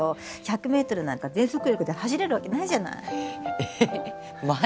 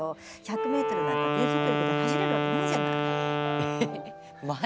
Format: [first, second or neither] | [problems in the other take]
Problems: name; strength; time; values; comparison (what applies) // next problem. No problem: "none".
first | background sound (Wind instrument, woodwind instrument); 5 dB above the speech